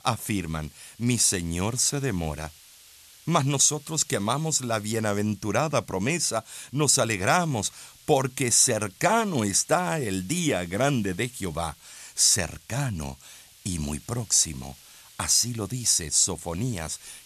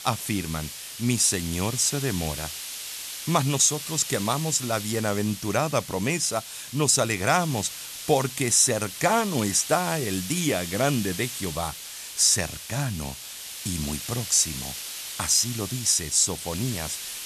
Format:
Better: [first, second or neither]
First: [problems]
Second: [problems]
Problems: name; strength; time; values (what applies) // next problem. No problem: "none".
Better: first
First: hiss; faint; throughout; 25 dB below the speech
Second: hiss; loud; throughout; 10 dB below the speech